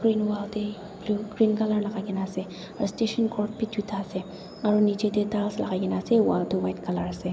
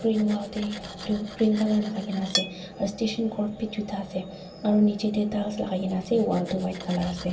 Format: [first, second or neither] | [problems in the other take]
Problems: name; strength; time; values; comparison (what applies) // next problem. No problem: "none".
first | background sound (Cutlery, silverware); 14 dB below the speech // room echo; dies away in 0.2 s